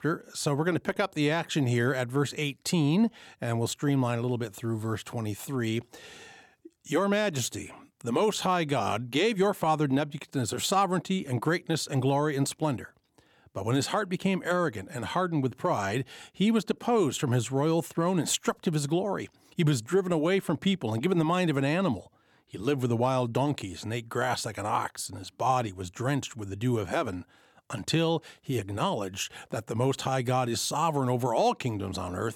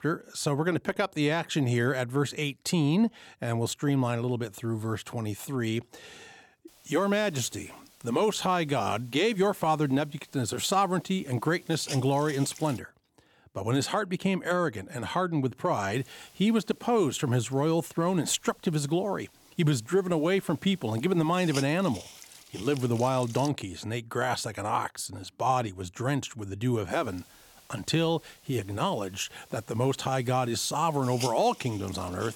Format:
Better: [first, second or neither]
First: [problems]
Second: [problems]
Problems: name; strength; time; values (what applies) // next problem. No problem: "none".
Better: first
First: none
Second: hiss; noticeable; from 6.5 to 13 s, from 16 to 23 s and from 27 s on; 20 dB below the speech